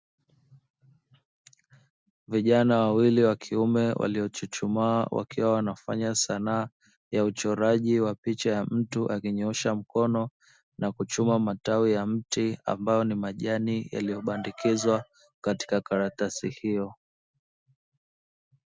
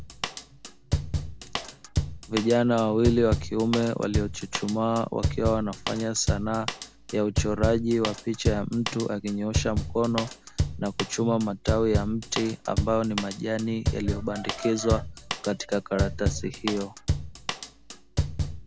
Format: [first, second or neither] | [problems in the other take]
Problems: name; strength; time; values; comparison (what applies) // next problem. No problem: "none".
first | background sound (Drum / Drum kit); 3 dB below the speech